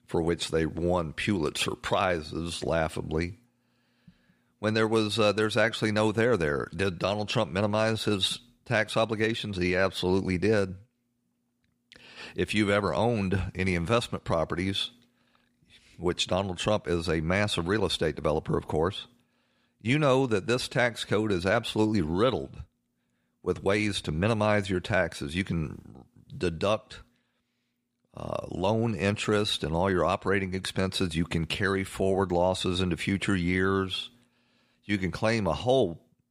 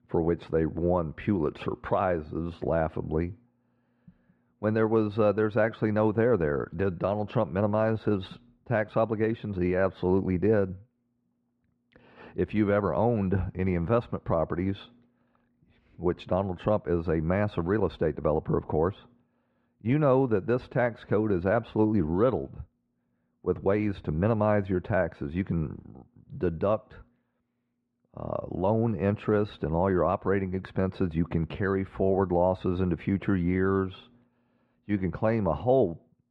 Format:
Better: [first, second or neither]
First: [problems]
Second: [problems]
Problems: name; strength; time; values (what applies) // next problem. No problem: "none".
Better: first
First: none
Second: muffled; very; fading above 3.5 kHz